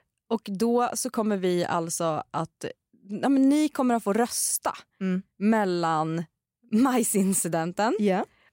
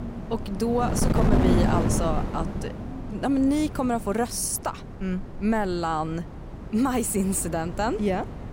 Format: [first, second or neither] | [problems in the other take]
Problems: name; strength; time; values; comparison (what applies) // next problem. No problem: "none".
first | wind noise on the microphone; heavy; 6 dB below the speech